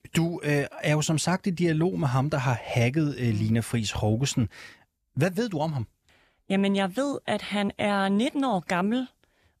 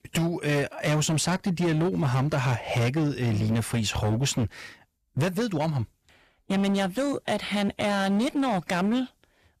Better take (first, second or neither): first